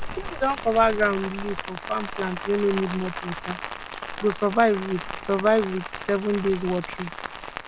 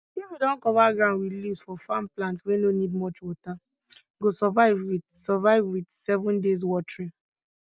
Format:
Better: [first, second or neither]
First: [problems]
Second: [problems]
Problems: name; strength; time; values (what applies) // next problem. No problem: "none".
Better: second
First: background sound (Rain); 9 dB below the speech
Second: none